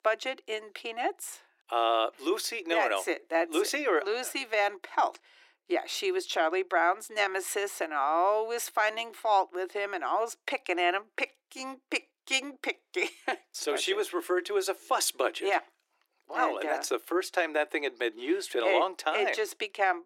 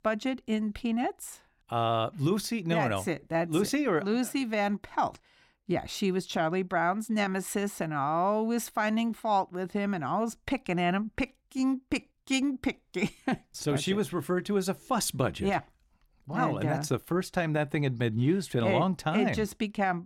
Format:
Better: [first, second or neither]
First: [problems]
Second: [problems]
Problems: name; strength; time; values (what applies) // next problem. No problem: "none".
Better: second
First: thin; very; fading below 350 Hz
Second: none